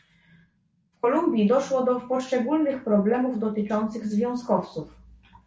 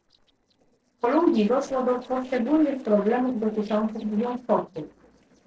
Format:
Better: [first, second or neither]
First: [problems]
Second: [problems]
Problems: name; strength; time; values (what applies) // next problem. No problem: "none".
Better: first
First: none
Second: noise reduction (neural separator model SepFormer DNS4)